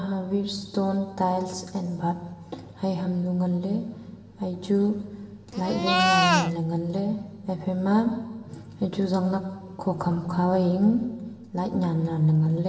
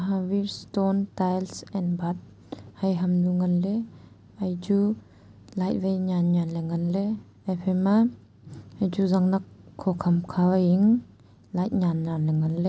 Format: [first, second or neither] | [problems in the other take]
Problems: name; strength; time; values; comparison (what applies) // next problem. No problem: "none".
second | background sound (Livestock, farm animals, working animals); 3 dB above the speech // room echo; dies away in 1.4 s